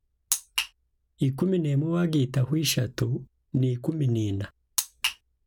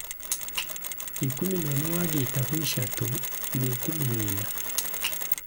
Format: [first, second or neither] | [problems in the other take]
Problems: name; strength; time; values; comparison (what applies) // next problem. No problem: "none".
first | background sound (Mechanisms); as loud as the speech